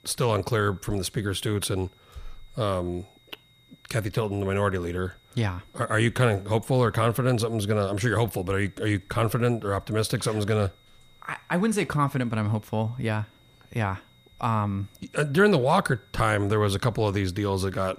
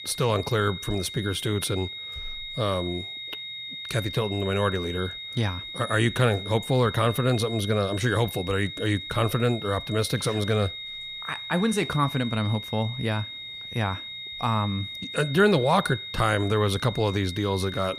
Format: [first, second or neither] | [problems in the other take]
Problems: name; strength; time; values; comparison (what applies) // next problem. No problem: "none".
first | high-pitched whine; loud; throughout; 3.5 kHz, 9 dB below the speech; faint in the first